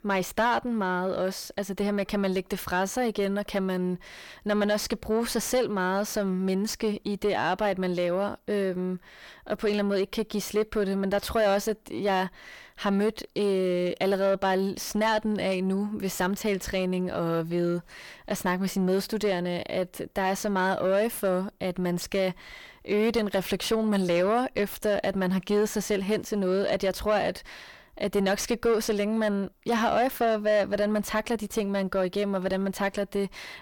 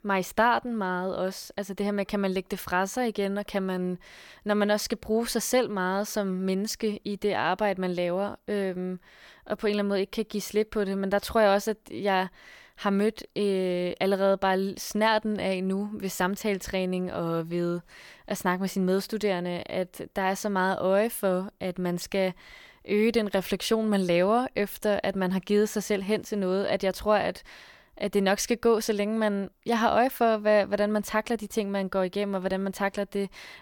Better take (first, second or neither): second